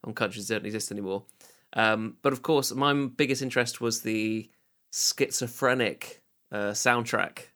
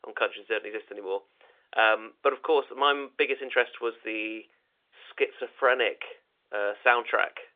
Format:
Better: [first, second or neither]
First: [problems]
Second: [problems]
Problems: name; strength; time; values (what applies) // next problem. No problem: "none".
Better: first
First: none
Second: phone-call audio; nothing above 3.5 kHz